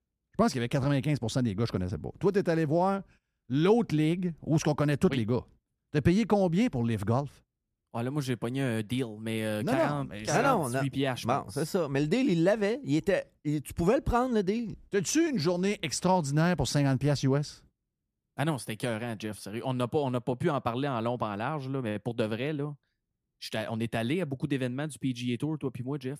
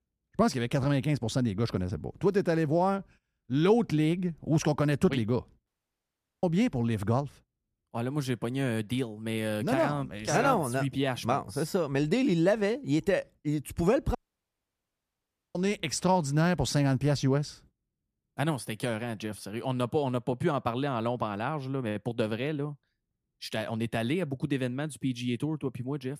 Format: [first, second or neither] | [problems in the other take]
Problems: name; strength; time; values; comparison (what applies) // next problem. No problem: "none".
first | audio cutting out; at 5.5 s for 1 s and at 14 s for 1.5 s